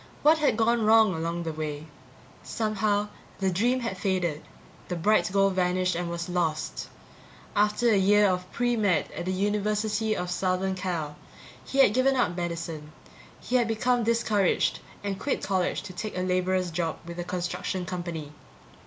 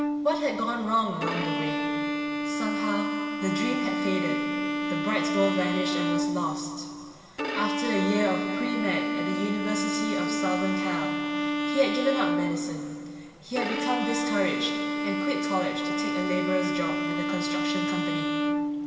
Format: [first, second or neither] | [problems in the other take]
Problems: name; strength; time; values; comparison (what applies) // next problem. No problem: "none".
first | background sound (Bowed string instrument); 2 dB above the speech // room echo; dies away in 2.6 s